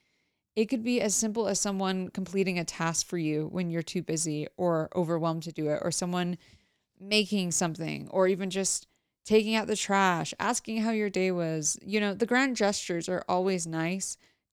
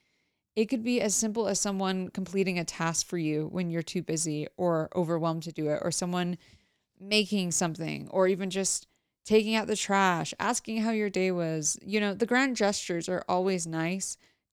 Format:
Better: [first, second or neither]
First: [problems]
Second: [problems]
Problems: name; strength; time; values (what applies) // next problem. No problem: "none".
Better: neither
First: none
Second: none